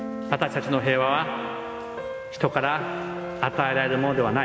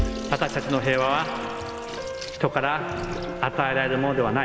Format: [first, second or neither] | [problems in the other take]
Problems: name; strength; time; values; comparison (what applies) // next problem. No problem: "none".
first | background sound (Sink (filling or washing) / Water tap, faucet); 11 dB below the speech